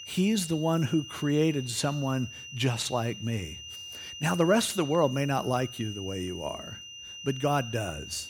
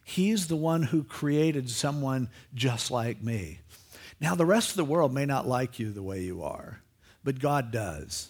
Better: second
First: high-pitched whine; noticeable; throughout; 3 kHz, 10 dB below the speech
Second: none

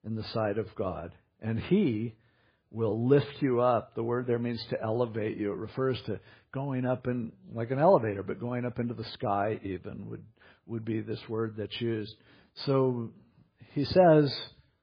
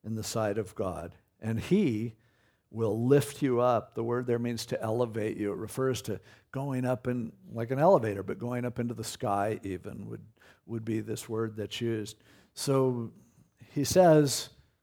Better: second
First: garbled, watery; badly; nothing above 5 kHz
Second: none

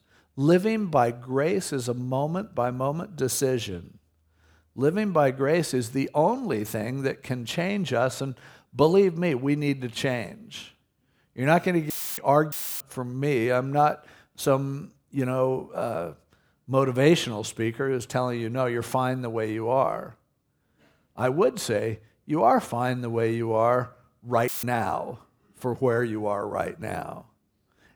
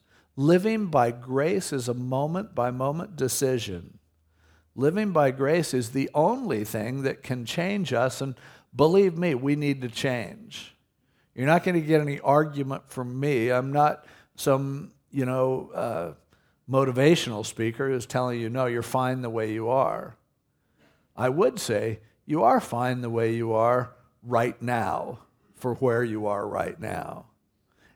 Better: second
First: audio cutting out; filled with static; at 12 s, at 13 s and at 24 s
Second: none

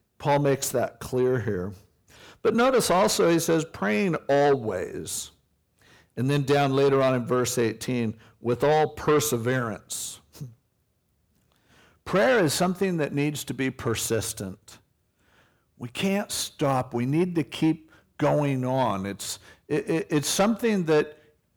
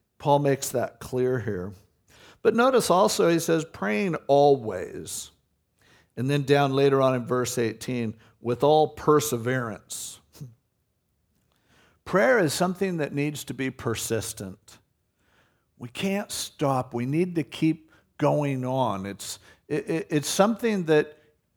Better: second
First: distortion; slight; 10 dB below the speech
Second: none

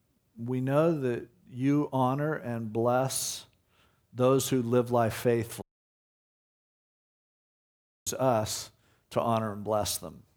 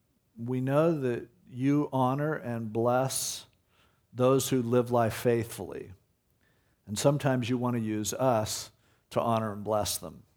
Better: second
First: audio cutting out; at 5.5 s for 2.5 s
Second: none

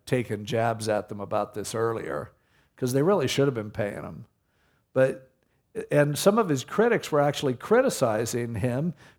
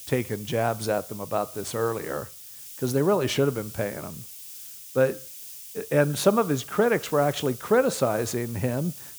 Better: first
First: none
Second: hiss; noticeable; throughout; 15 dB below the speech

